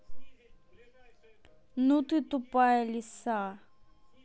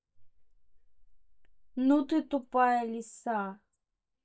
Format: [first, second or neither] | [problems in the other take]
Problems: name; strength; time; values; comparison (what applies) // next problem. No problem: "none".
first | noise reduction (neural mask model DeepFilterNet 3)